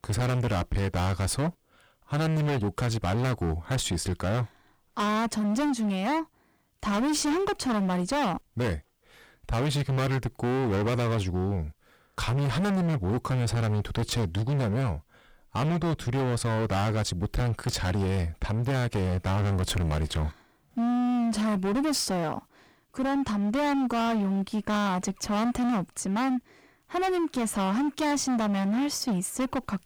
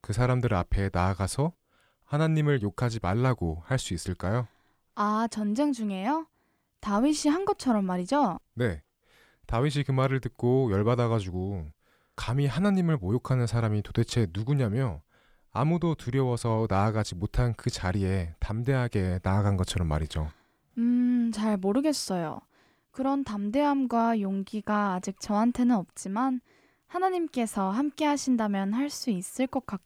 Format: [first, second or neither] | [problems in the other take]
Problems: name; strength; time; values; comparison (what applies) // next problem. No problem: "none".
second | distortion; heavy; 32% of the sound clipped